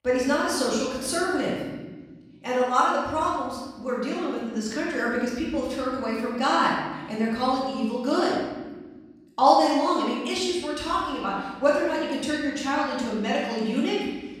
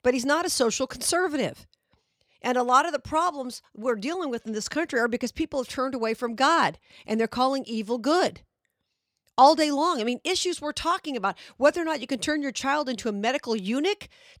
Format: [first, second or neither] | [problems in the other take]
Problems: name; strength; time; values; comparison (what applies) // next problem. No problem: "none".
second | off-mic speech; far // room echo; noticeable; dies away in 1.4 s